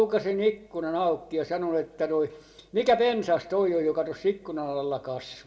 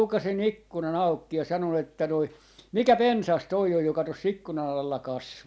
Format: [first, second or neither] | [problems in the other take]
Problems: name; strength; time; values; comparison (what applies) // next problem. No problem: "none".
second | room echo; dies away in 0.6 s